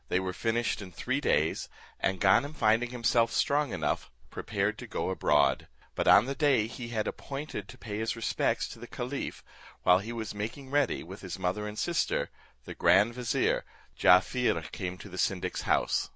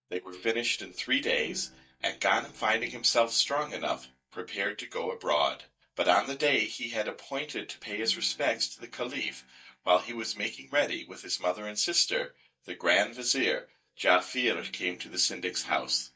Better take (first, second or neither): first